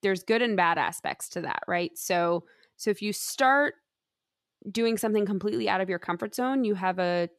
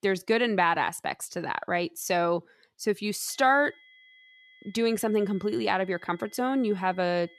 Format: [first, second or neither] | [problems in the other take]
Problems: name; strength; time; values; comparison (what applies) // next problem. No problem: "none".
first | high-pitched whine; faint; from 3.5 s on; 2 kHz, 25 dB below the speech